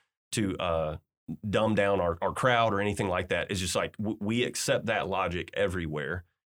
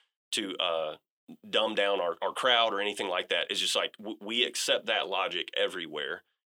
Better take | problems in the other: first | thin; somewhat; fading below 300 Hz

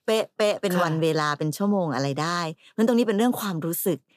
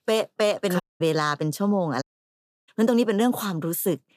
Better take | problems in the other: first | audio cutting out; at 1 s and at 2 s for 0.5 s

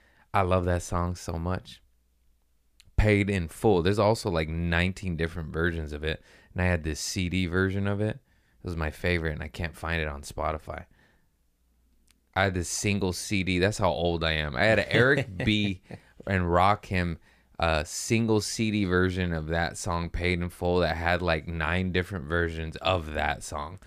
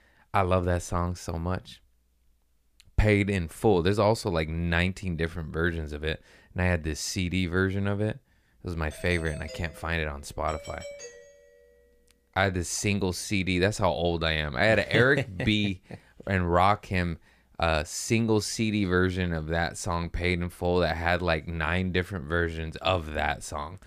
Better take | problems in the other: first | doorbell; faint; from 9 to 12 s; peak 15 dB below the speech

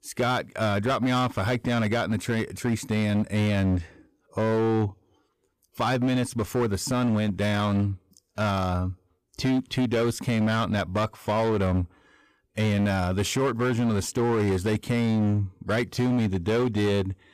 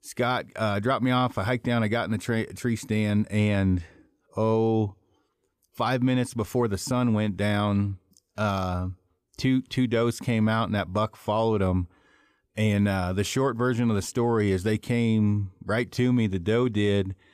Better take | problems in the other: second | distortion; slight; 16% of the sound clipped

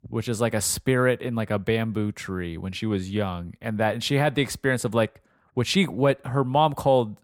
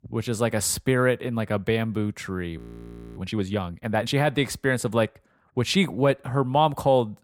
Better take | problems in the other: first | audio freezing; at 2.5 s for 0.5 s

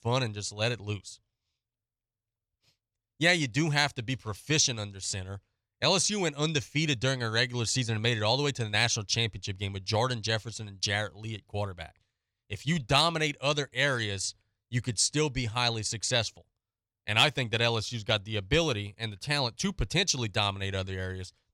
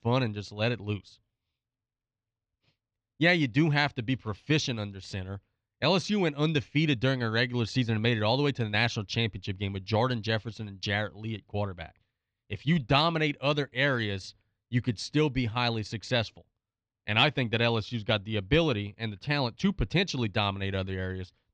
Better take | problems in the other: first | muffled; slightly; fading above 3.5 kHz

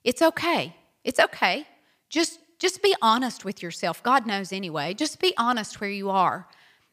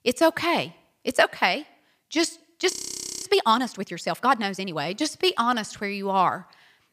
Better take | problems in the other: first | audio freezing; at 2.5 s for 0.5 s

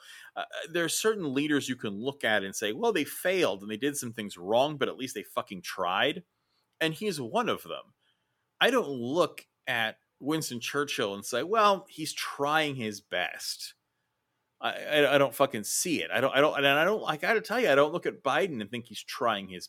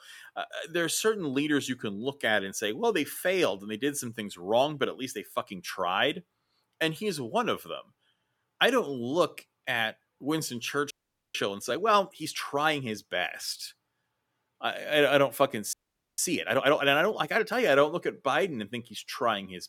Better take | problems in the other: first | audio freezing; at 11 s and at 16 s

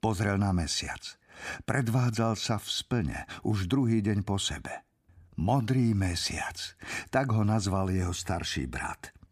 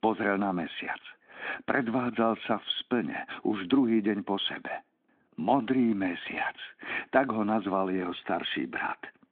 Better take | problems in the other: first | phone-call audio; nothing above 3.5 kHz

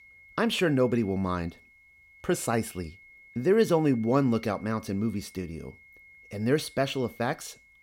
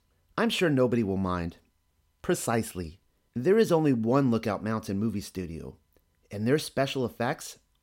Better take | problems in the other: second | high-pitched whine; faint; throughout; 2 kHz, 25 dB below the speech

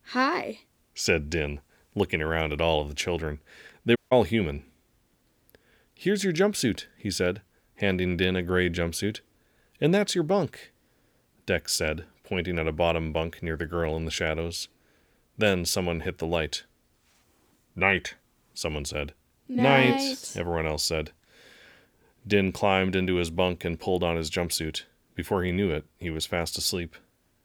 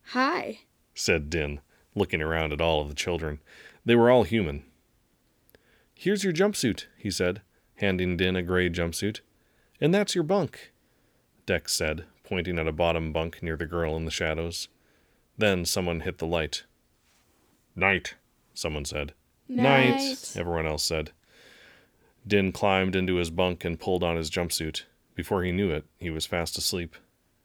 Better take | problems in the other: second | audio cutting out; at 4 s

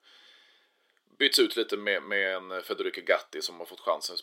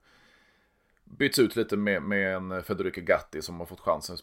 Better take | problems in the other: second | thin; somewhat; fading below 350 Hz

